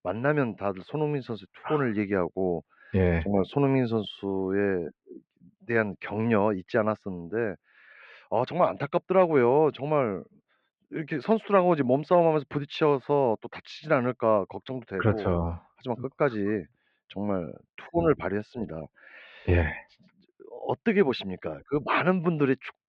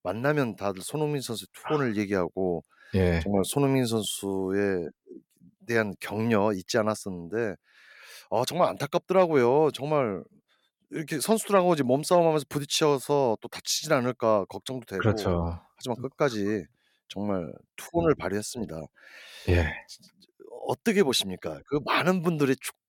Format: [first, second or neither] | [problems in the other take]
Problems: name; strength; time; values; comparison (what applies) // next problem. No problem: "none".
second | muffled; very; fading above 3 kHz